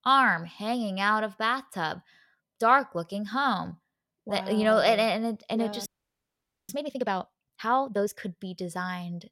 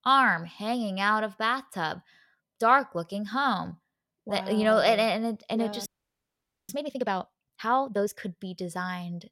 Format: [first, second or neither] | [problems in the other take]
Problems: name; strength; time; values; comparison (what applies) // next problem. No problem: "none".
neither | audio freezing; at 6 s for 1 s; the same in both